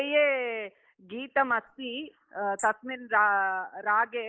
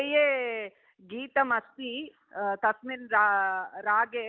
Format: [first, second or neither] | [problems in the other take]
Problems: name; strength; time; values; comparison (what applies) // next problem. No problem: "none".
second | noise reduction (neural mask model Resemble Enhance denoiser)